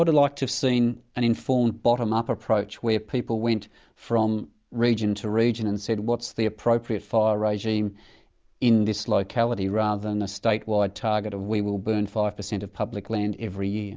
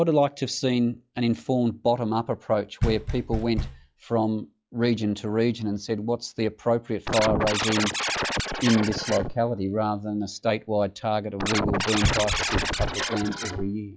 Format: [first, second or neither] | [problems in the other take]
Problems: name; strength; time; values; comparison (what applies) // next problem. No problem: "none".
first | noise reduction (classical method log-MMSE)